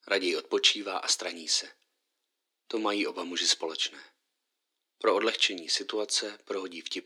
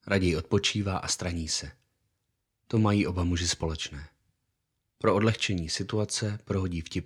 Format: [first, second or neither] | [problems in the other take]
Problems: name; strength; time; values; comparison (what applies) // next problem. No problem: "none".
second | thin; very; fading below 300 Hz